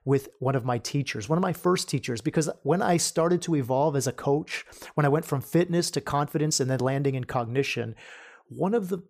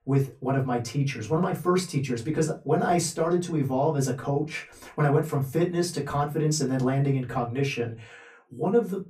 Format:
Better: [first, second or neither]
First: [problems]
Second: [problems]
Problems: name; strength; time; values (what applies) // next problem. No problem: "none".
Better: first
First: none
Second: off-mic speech; far // room echo; very slight; dies away in 0.2 s